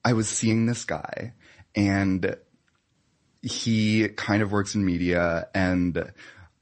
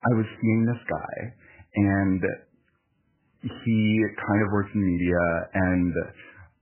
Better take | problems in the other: first | garbled, watery; badly; nothing above 2.5 kHz; slightly in the first

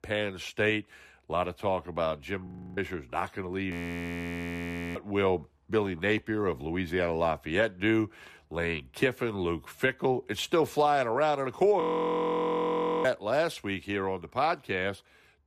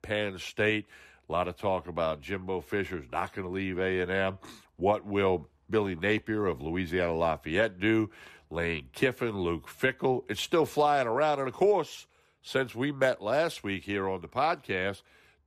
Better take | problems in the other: second | audio freezing; at 2.5 s, at 3.5 s for 1 s and at 12 s for 1 s

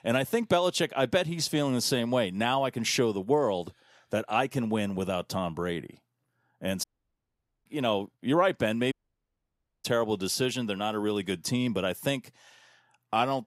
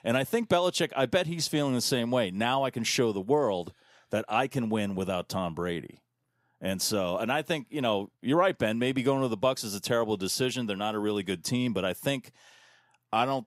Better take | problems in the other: second | audio cutting out; at 7 s for 1 s and at 9 s for 1 s

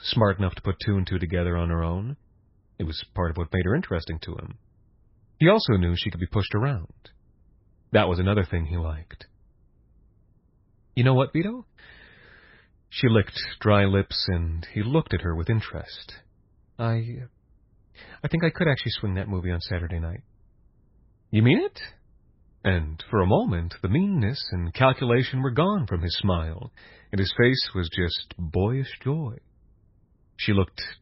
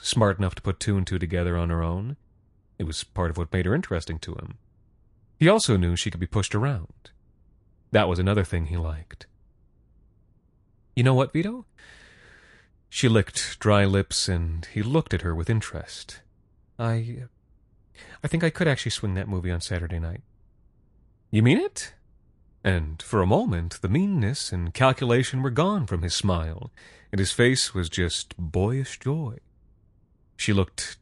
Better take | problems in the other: second | garbled, watery; badly; nothing above 5.5 kHz; slightly in the second

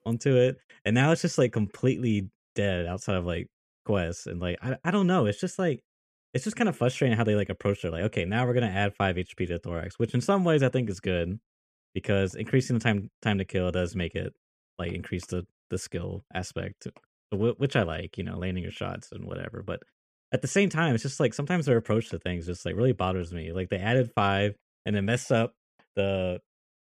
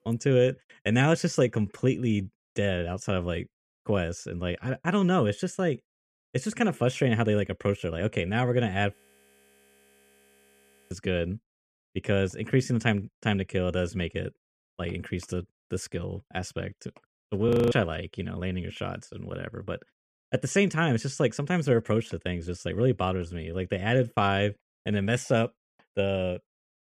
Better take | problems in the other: first | audio freezing; at 9 s for 2 s and at 17 s

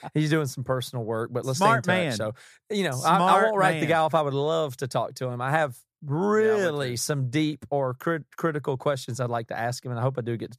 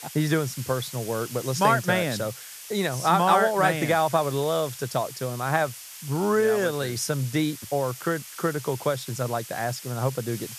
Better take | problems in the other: first | hiss; noticeable; throughout; 15 dB below the speech

